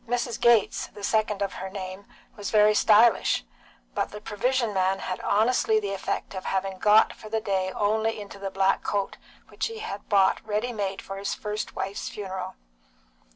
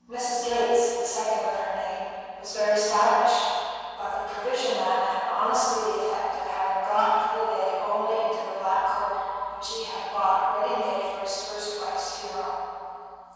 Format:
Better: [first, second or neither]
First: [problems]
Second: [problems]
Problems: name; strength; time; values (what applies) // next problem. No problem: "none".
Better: first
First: none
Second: room echo; dies away in 2.1 s